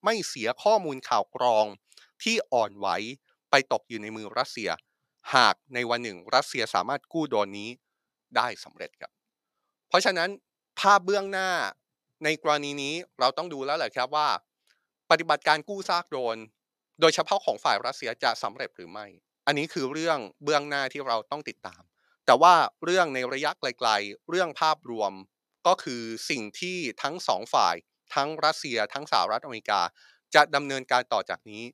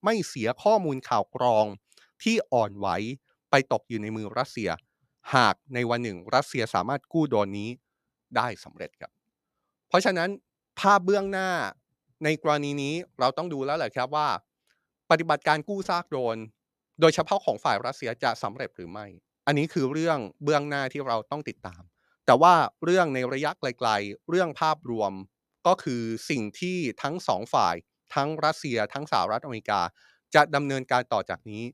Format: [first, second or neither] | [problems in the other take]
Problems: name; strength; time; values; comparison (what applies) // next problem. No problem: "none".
second | thin; very slightly; fading below 1 kHz